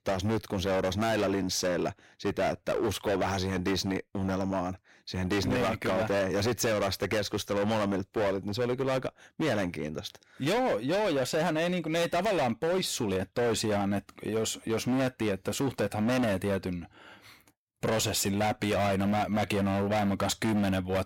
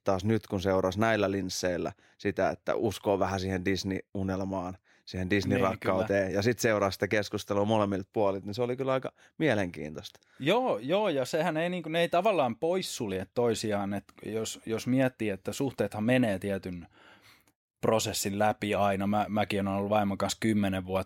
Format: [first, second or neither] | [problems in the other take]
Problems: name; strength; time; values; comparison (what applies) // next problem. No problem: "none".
second | distortion; heavy; 21% of the sound clipped